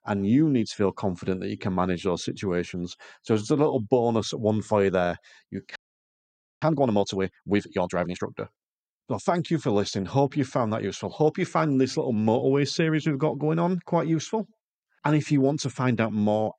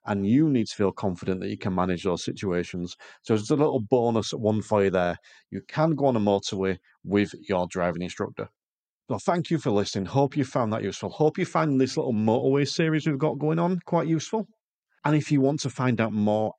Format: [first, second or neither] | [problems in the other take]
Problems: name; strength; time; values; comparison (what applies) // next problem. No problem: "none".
second | audio freezing; at 6 s for 1 s